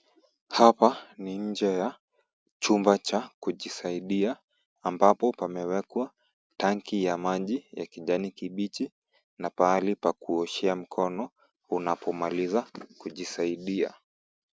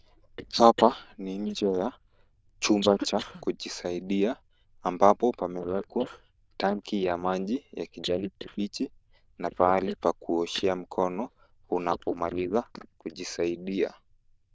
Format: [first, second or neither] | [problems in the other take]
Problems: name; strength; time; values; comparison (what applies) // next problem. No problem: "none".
first | noise reduction (neural diffusion model UNIVERSE++)